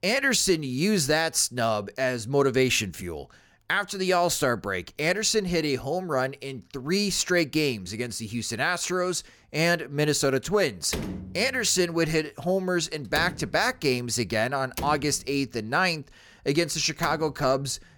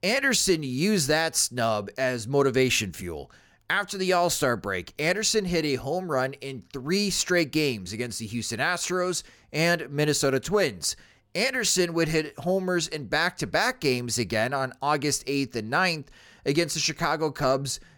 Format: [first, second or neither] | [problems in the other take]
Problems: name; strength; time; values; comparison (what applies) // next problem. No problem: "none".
second | door banging; noticeable; from 11 to 17 s; peak 8 dB below the speech